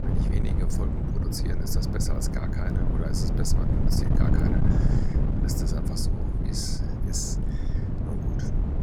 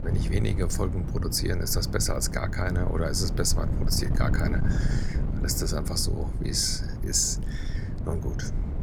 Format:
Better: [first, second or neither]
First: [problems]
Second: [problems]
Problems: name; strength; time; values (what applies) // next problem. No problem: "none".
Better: second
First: wind noise on the microphone; heavy; 1 dB above the speech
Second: wind noise on the microphone; occasional gusts; 10 dB below the speech